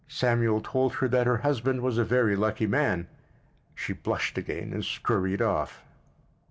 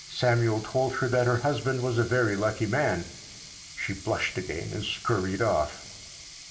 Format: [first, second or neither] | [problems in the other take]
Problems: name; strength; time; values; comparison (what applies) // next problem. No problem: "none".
first | background sound (Sink (filling or washing)); 17 dB below the speech // room echo; dies away in 0.7 s